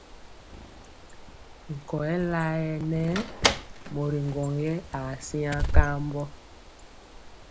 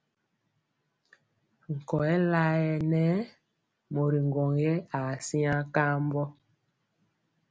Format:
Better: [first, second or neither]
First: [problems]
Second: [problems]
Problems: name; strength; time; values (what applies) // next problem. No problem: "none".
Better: second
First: background sound (Slam + Bird); 1 dB above the speech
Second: none